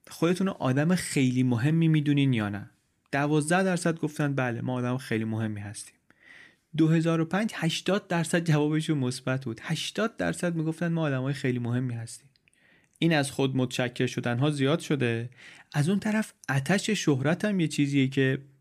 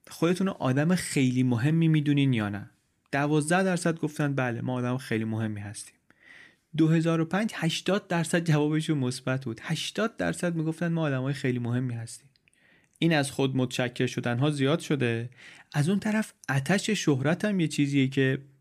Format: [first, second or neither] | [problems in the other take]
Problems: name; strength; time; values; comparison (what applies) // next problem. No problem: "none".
neither | none